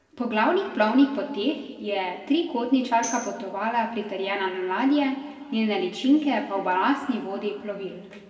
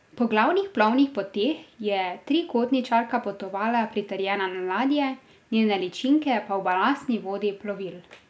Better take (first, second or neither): second